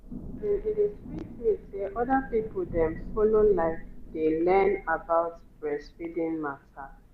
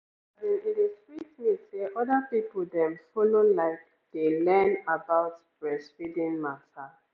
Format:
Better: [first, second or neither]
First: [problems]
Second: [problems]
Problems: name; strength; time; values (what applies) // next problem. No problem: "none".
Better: second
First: background sound (Thunder / Rain); 12 dB below the speech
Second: none